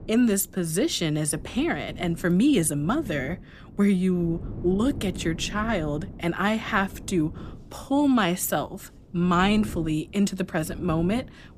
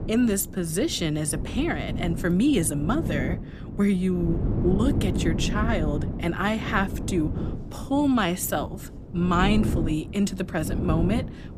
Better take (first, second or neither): first